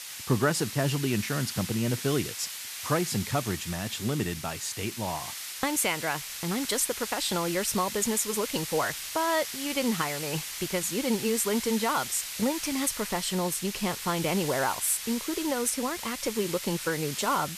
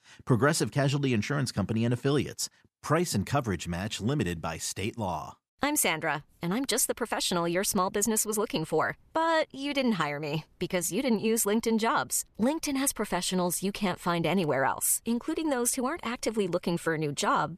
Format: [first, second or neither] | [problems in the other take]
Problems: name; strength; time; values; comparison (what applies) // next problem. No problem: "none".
second | hiss; loud; throughout; 6 dB below the speech